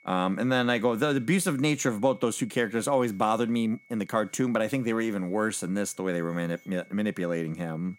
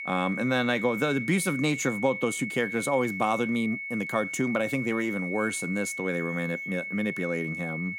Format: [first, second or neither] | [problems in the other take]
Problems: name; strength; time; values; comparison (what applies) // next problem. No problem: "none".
first | high-pitched whine; loud; throughout; 2 kHz, 5 dB below the speech; faint in the first